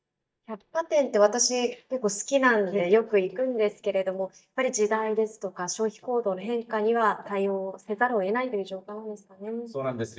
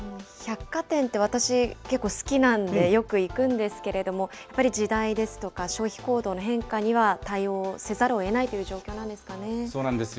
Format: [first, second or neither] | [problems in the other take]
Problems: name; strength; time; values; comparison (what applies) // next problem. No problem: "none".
second | noise reduction (neural mask model DeepFilterNet 3)